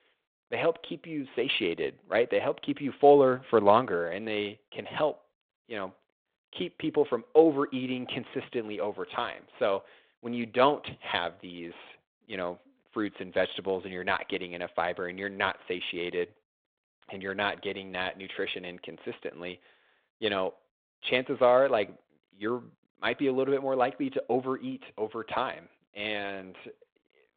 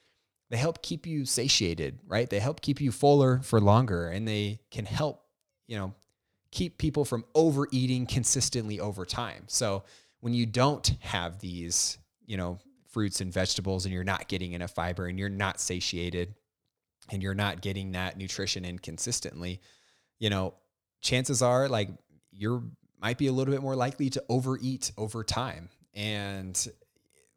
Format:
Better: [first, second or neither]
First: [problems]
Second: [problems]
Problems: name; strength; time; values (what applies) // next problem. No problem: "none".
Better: second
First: phone-call audio; nothing above 3.5 kHz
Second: none